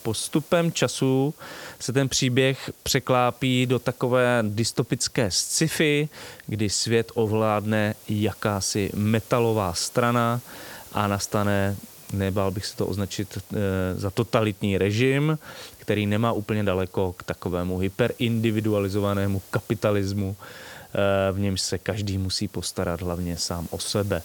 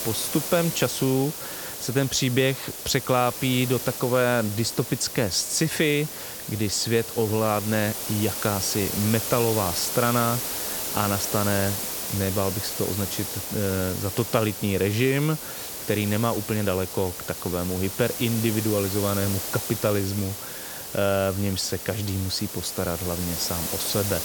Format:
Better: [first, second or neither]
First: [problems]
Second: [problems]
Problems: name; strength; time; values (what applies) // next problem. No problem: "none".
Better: first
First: hiss; faint; throughout; 20 dB below the speech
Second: hiss; loud; throughout; 5 dB below the speech